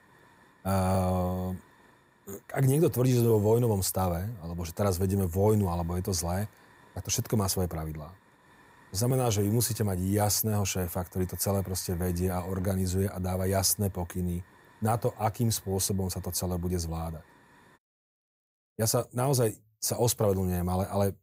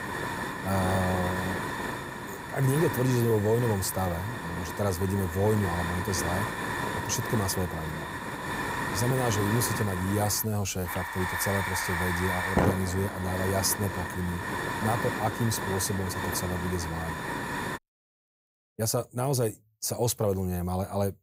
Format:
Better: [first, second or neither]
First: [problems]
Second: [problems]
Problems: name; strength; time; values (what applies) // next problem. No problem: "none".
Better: first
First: hiss; faint; until 18 s; 30 dB below the speech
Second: hiss; loud; until 18 s; 3 dB below the speech